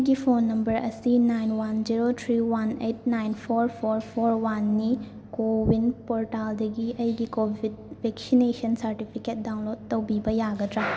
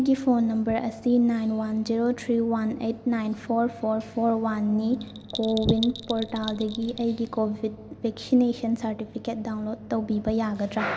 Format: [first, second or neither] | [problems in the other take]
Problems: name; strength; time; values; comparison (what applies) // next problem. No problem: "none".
first | background sound (Bell); 13 dB below the speech